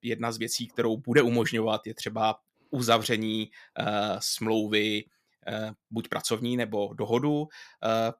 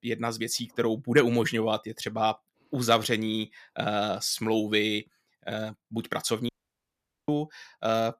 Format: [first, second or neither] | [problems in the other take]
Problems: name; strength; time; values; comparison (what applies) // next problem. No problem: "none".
first | audio cutting out; at 6.5 s for 1 s